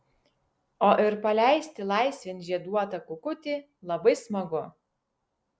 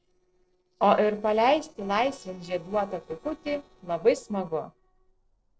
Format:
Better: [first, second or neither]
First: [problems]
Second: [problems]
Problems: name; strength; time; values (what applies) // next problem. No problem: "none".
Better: first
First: none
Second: noise reduction (neural separator model SepFormer DNS4)